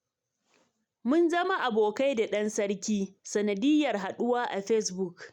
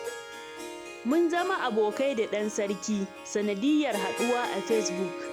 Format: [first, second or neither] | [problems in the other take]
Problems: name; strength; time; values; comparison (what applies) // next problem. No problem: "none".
first | background sound (Harp); 9 dB below the speech